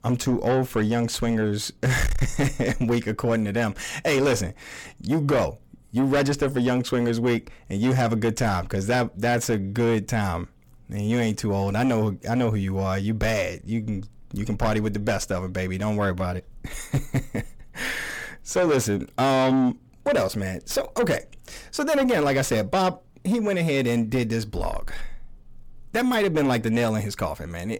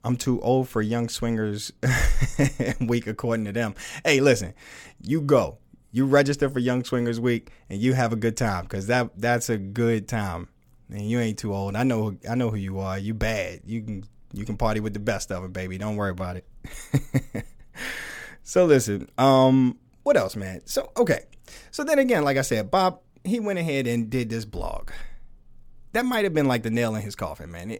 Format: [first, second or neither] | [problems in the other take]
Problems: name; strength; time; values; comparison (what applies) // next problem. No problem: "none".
second | distortion; heavy; 7 dB below the speech